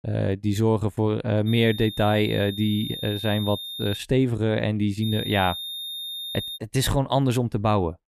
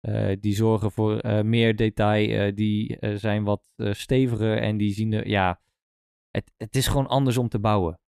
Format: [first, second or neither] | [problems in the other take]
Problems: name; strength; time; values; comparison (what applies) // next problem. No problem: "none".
second | high-pitched whine; loud; from 1.5 to 4 s and from 5 to 6.5 s; 3.5 kHz, 8 dB below the speech